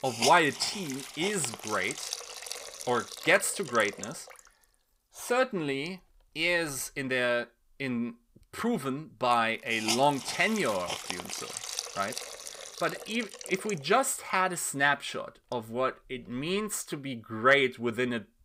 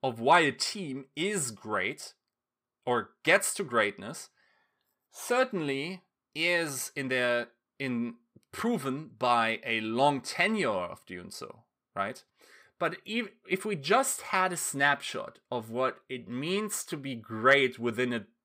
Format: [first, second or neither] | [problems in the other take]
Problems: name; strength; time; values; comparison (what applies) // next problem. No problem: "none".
second | hiss; loud; throughout; 8 dB below the speech